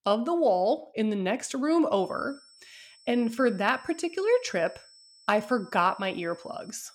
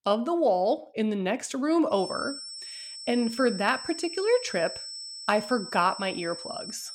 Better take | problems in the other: first | high-pitched whine; loud; from 2 s on; 5.5 kHz, 10 dB below the speech; faint in the first

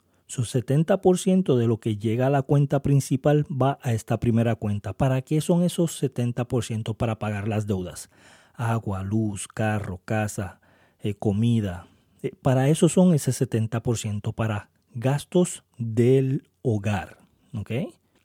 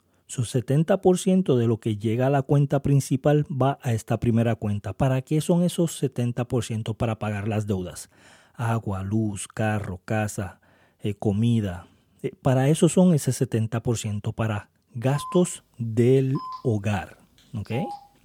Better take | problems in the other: first | phone ringing; faint; from 15 s on; peak 15 dB below the speech

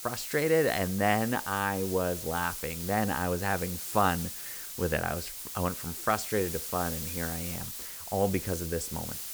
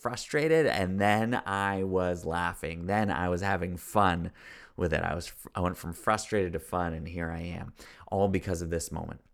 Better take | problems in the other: second | hiss; loud; throughout; 5 dB below the speech

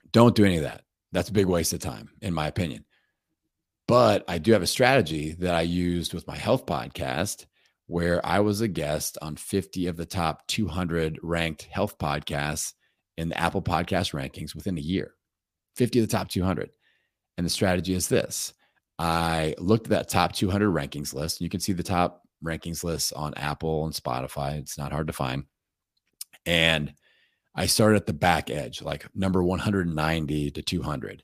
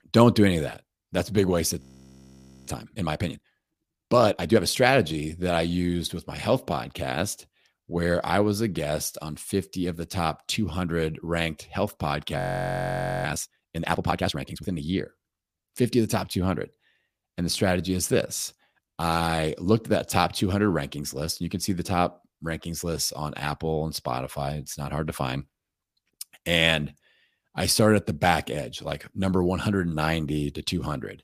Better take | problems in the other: first | audio freezing; at 2 s for 1 s and at 12 s for 1 s

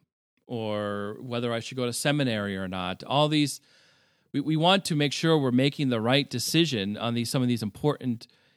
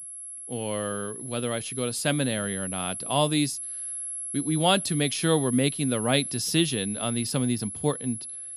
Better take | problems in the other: first | high-pitched whine; loud; throughout; 11 kHz, 6 dB below the speech

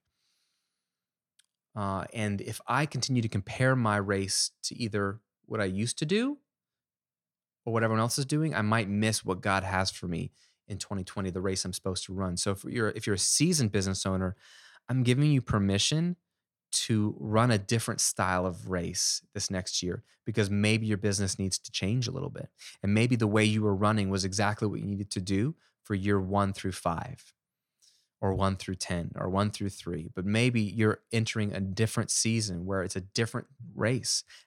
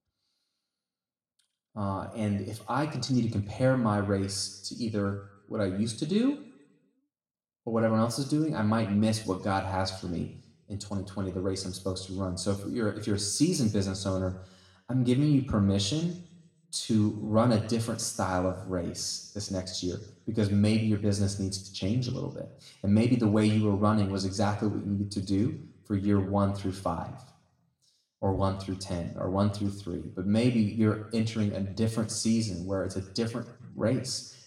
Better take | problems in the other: first | room echo; slight; dies away in 0.6 s

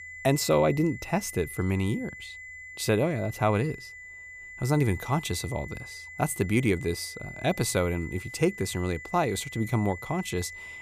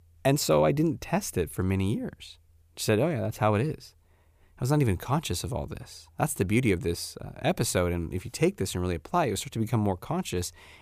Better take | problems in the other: second | high-pitched whine; noticeable; throughout; 2 kHz, 15 dB below the speech

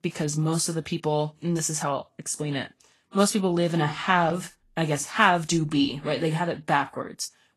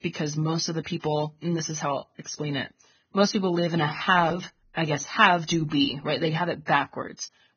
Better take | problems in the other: first | garbled, watery; badly; nothing above 6.5 kHz; slightly in the first

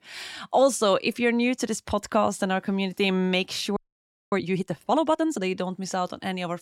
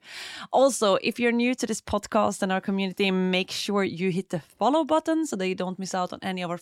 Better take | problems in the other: second | audio freezing; at 4 s for 0.5 s

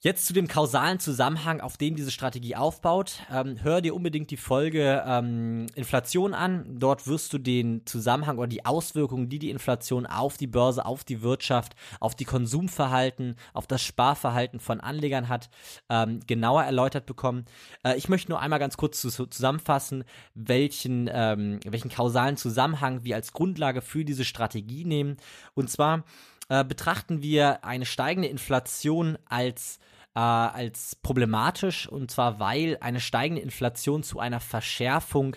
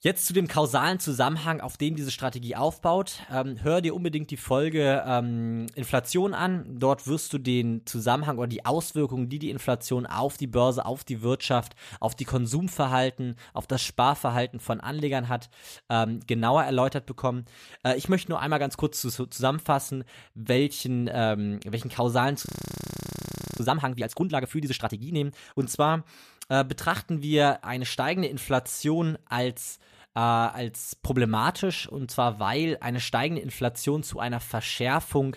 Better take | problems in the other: first | audio freezing; at 22 s for 1 s

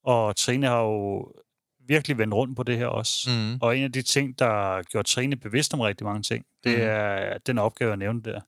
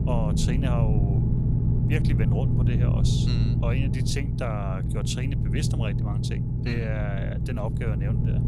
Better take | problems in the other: first | low rumble; loud; throughout; 1 dB below the speech

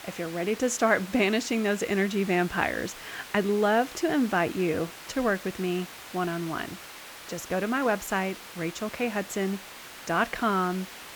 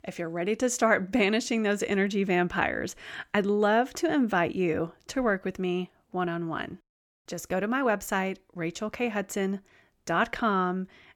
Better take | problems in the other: second | hiss; noticeable; throughout; 15 dB below the speech

